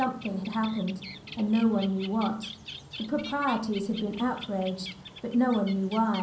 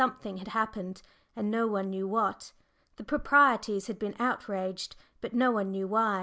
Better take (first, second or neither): second